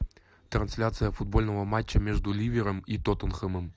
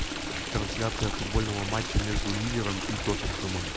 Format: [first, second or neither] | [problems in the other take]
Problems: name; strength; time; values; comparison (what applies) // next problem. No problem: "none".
first | background sound (Stream); 2 dB below the speech